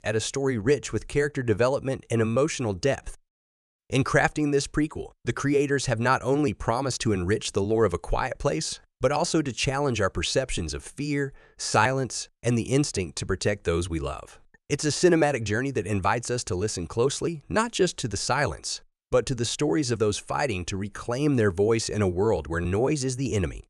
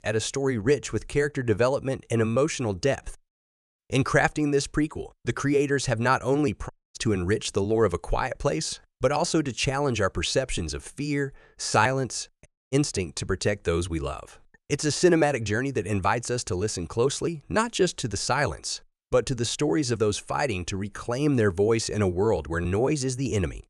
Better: first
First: none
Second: audio cutting out; at 6.5 s and at 12 s

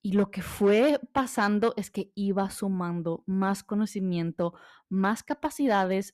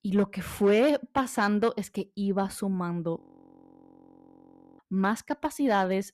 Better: first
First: none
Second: audio freezing; at 3 s for 1.5 s

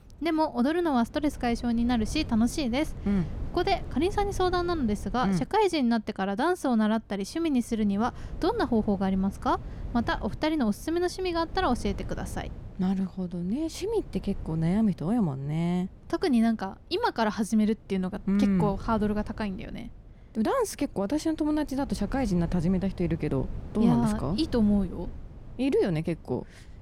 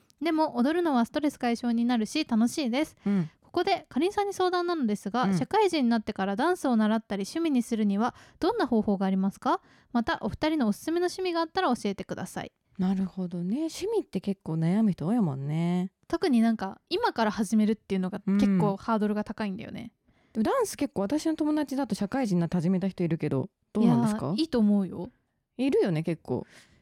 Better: second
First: wind noise on the microphone; occasional gusts; 20 dB below the speech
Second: none

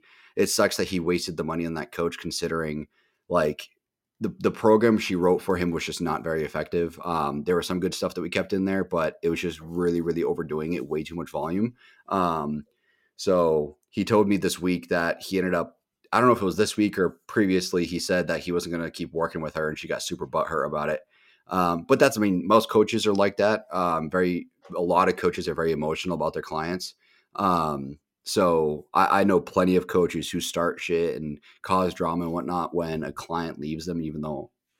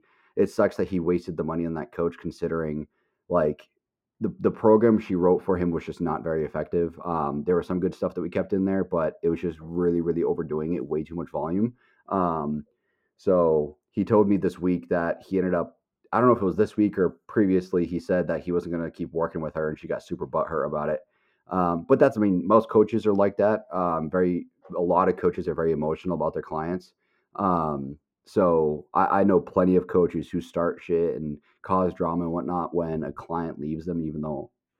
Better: first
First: none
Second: muffled; very; fading above 2 kHz

